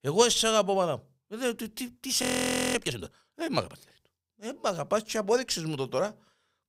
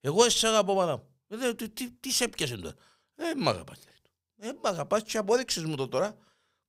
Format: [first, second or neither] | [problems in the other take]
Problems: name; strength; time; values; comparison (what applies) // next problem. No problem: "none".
second | audio freezing; at 2 s for 0.5 s